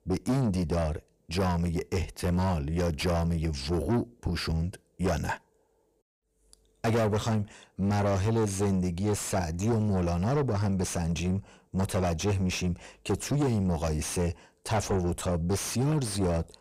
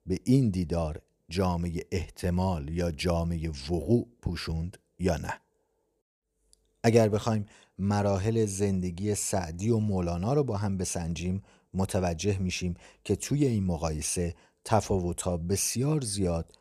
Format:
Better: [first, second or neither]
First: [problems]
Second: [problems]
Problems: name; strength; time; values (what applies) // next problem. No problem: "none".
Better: second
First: distortion; heavy; 6 dB below the speech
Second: none